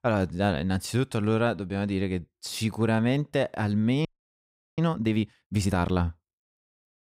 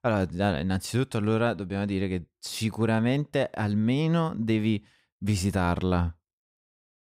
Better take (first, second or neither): second